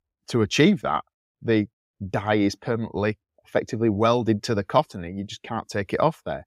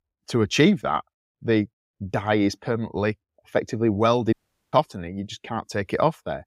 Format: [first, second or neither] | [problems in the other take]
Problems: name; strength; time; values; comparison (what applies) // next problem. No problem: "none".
first | audio cutting out; at 4.5 s